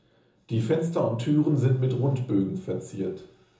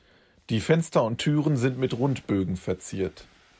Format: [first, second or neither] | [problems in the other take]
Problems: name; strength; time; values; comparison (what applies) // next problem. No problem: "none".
second | room echo; dies away in 0.6 s